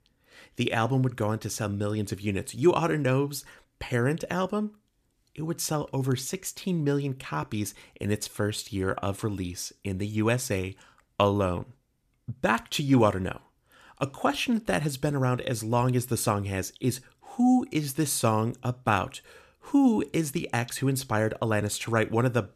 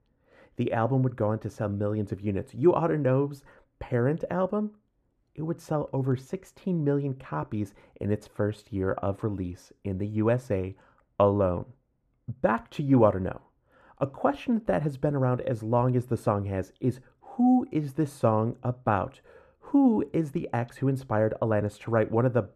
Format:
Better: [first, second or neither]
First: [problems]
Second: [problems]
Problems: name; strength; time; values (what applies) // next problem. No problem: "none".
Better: first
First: none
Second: muffled; very; fading above 2 kHz